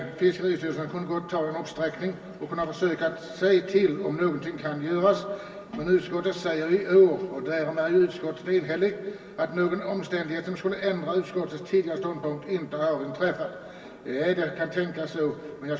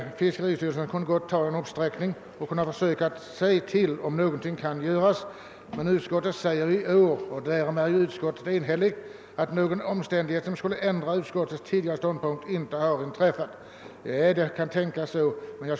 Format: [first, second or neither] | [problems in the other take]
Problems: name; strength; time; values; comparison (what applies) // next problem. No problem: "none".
second | room echo; dies away in 2.4 s